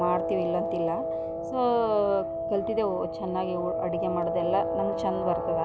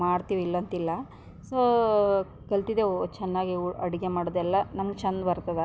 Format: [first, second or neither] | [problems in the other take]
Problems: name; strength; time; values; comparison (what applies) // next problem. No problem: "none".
second | background sound (Guitar); 1 dB below the speech